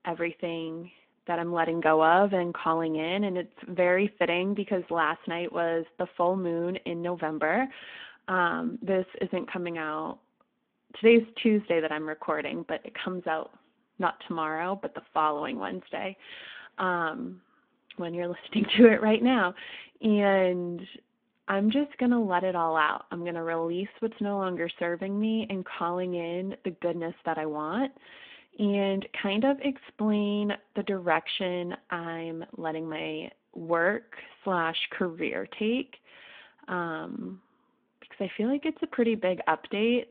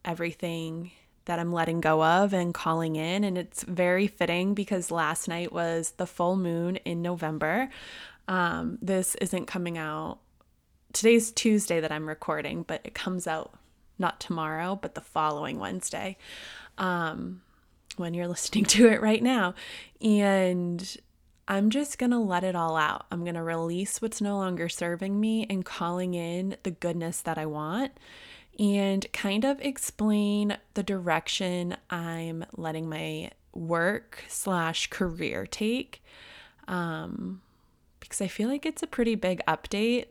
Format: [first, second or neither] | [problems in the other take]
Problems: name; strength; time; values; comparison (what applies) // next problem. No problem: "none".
second | phone-call audio